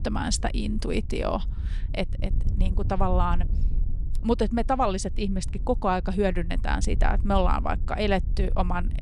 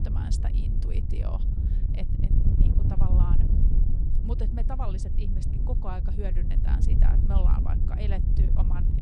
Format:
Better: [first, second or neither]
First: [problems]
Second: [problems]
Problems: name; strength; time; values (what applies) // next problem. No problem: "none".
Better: first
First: wind noise on the microphone; occasional gusts; 20 dB below the speech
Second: wind noise on the microphone; heavy; 1 dB below the speech